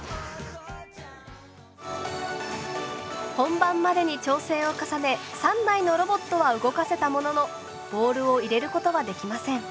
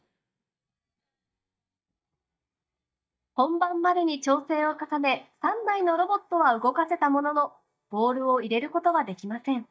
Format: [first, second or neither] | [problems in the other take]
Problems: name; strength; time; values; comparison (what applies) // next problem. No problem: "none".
first | noise reduction (neural mask model DeepFilterNet 3)